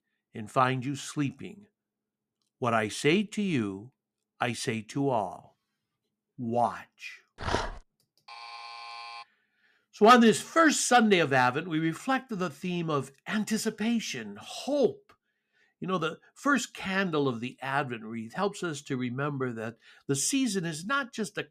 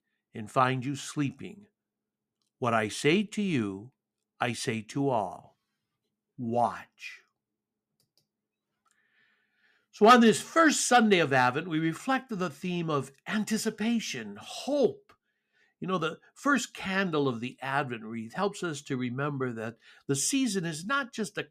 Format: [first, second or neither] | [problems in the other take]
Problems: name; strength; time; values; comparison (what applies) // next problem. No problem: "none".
second | dog barking; noticeable; at 7.5 s; peak 4 dB below the speech // alarm; faint; at 8.5 s; peak 15 dB below the speech